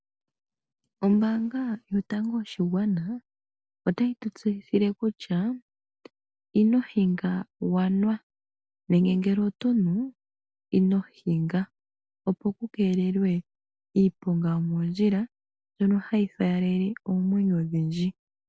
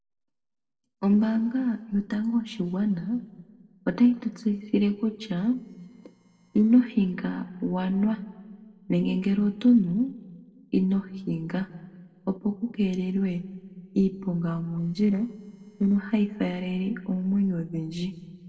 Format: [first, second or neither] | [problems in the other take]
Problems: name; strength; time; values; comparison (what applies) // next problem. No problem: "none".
first | noise reduction (neural separator model SepFormer DNS4)